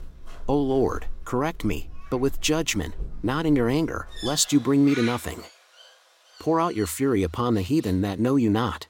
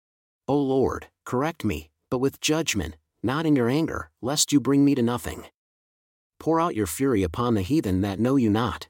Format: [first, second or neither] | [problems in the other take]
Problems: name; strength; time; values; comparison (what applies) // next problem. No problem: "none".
second | animal sounds; noticeable; throughout; 15 dB below the speech